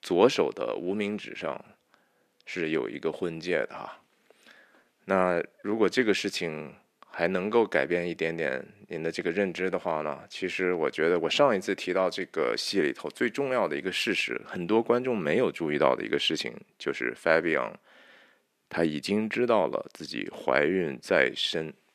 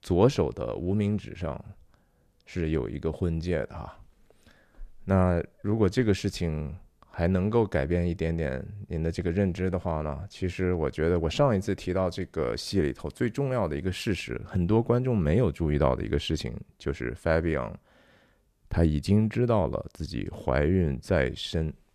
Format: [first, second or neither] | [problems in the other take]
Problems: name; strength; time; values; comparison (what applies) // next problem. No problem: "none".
second | thin; somewhat; fading below 250 Hz